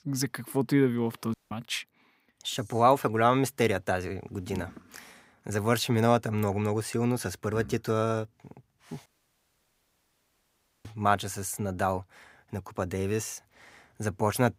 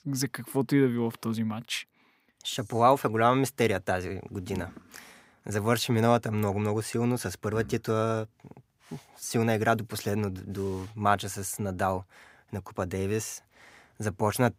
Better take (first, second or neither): second